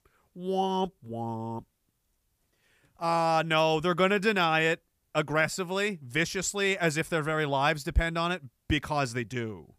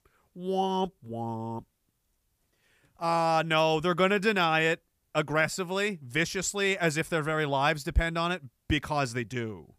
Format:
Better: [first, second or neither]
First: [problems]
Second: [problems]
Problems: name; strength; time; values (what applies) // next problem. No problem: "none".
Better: neither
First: none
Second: none